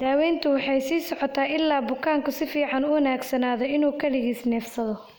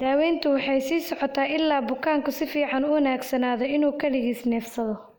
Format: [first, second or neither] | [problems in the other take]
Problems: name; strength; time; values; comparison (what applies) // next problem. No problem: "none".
first | noise reduction (neural mask model Resemble Enhance denoiser)